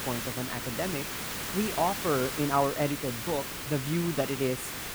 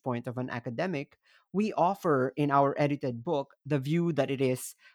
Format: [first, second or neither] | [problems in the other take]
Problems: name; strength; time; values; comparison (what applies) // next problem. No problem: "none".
second | hiss; loud; throughout; 3 dB below the speech